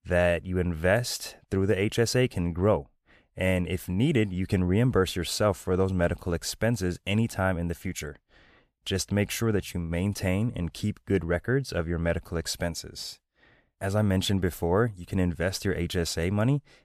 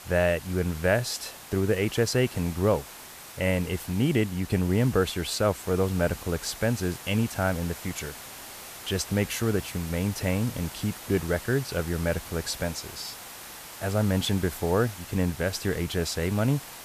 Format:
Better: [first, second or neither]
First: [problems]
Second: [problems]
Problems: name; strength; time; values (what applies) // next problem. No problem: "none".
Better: first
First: none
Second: hiss; noticeable; throughout; 15 dB below the speech